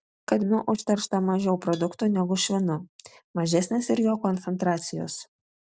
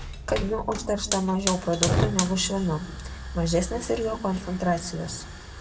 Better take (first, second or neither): first